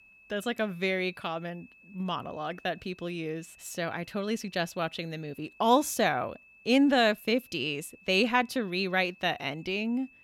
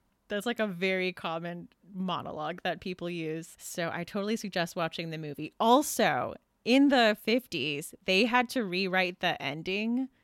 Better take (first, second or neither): second